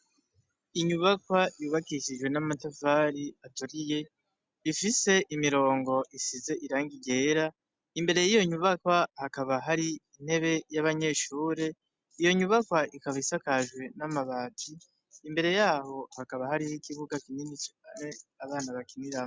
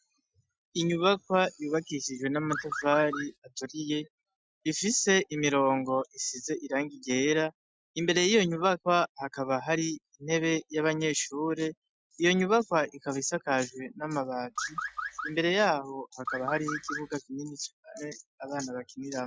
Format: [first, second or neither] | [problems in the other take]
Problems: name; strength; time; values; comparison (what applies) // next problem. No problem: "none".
first | noise reduction (classical method Wiener filter)